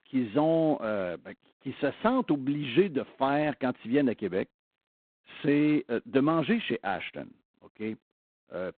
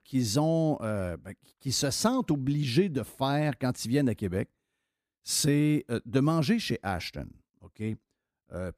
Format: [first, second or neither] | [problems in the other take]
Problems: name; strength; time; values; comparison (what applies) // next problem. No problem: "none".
second | phone-call audio; poor line; nothing above 3.5 kHz